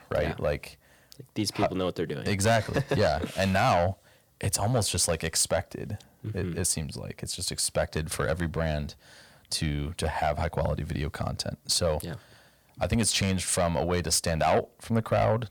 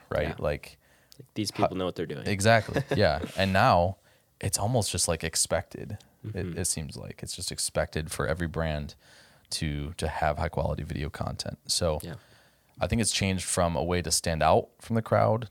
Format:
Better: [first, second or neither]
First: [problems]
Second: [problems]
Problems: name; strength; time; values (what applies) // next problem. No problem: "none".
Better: second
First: distortion; slight; 10 dB below the speech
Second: none